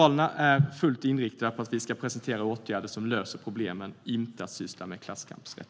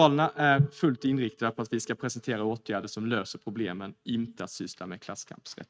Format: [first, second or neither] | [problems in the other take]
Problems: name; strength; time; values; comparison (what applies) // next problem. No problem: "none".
first | noise reduction (neural mask model RNNoise)